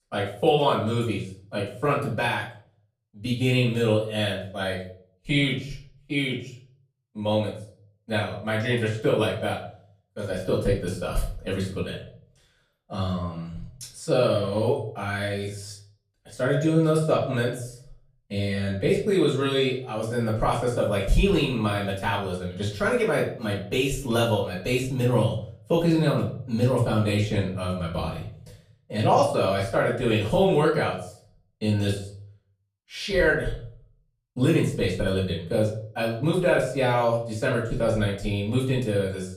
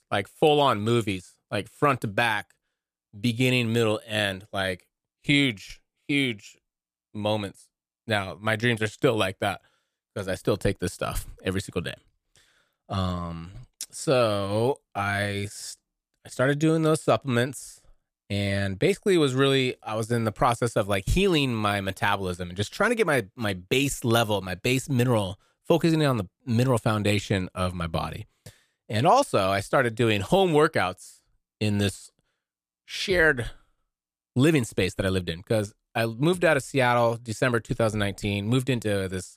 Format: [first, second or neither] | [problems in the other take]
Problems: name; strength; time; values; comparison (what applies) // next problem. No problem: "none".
second | off-mic speech; far // room echo; slight; dies away in 0.5 s